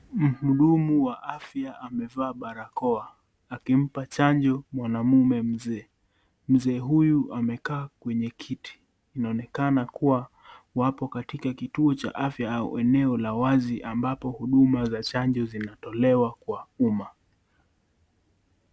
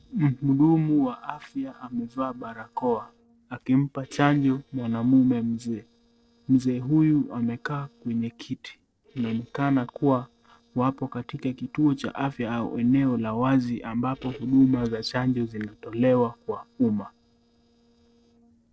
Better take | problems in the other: first | noise reduction (neural separator model SepFormer DNS4)

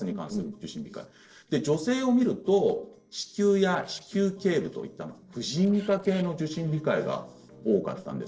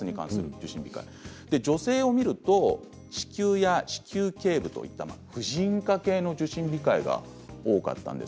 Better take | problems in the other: second | noise reduction (neural separator model SepFormer DNS4)

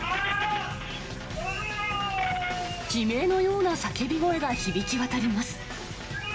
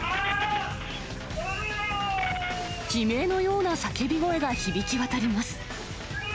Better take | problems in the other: second | room echo; dies away in 2.3 s

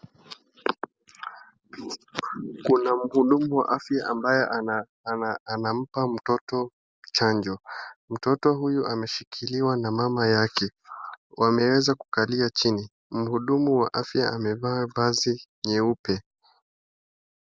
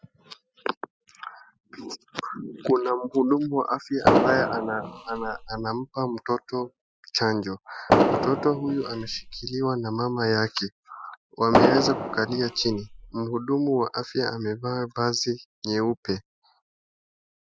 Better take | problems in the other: first | noise reduction (classical method Wiener filter)

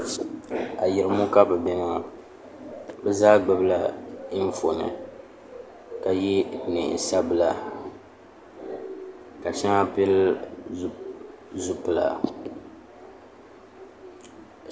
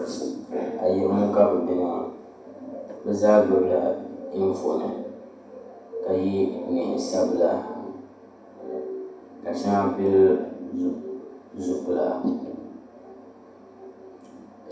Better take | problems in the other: first | room echo; dies away in 0.6 s

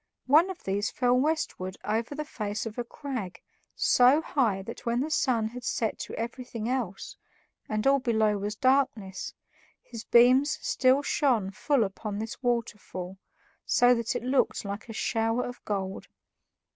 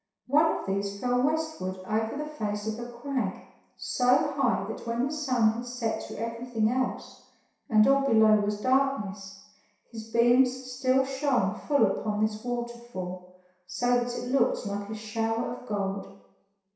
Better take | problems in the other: first | room echo; dies away in 0.7 s

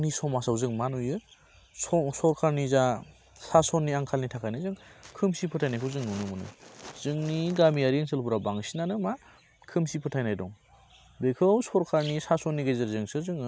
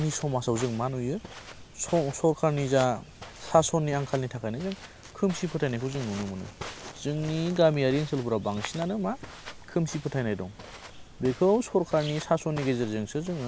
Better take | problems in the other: first | background sound (Walk, footsteps); 16 dB below the speech

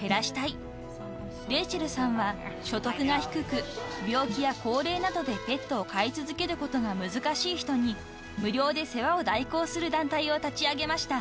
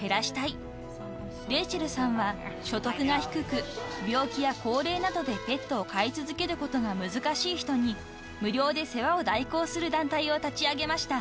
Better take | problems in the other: second | background sound (Snare drum); 16 dB below the speech

